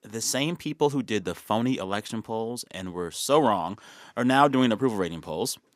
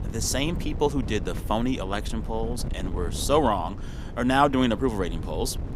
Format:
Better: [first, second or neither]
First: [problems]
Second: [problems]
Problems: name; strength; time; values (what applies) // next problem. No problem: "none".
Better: first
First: none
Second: wind noise on the microphone; occasional gusts; 15 dB below the speech